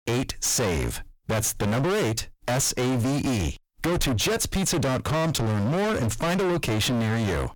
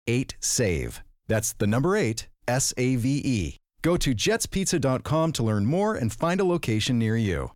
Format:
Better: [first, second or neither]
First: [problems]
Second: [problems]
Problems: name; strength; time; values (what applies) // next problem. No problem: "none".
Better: second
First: distortion; heavy; 45% of the sound clipped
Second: none